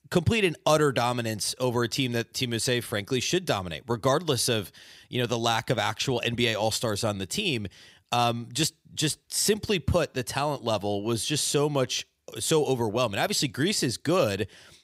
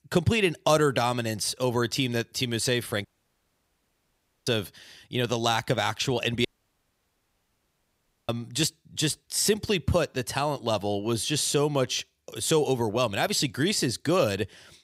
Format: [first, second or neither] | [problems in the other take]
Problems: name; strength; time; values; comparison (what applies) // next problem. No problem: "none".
first | audio cutting out; at 3 s for 1.5 s and at 6.5 s for 2 s